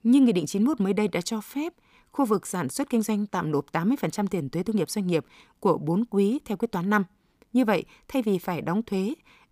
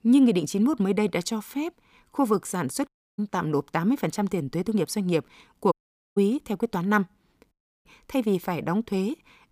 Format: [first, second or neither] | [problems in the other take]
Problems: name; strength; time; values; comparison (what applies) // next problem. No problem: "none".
first | audio cutting out; at 3 s, at 5.5 s and at 7.5 s